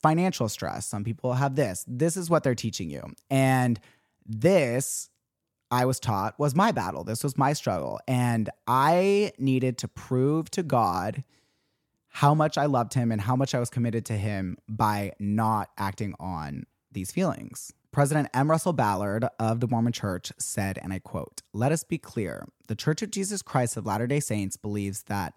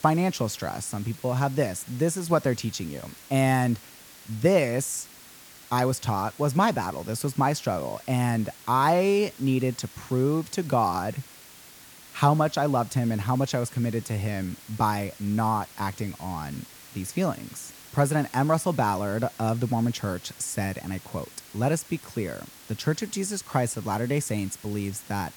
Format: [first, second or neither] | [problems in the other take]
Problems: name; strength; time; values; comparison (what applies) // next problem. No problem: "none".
first | hiss; noticeable; throughout; 20 dB below the speech